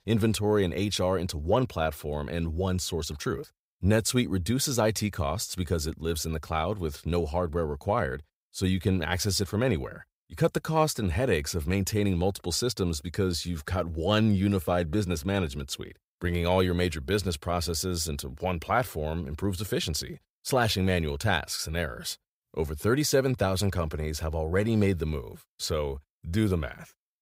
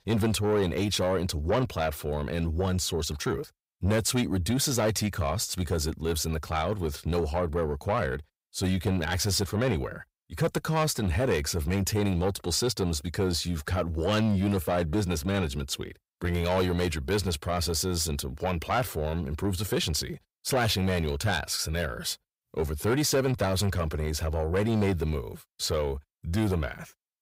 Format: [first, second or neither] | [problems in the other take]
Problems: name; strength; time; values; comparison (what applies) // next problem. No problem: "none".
first | distortion; slight; 10 dB below the speech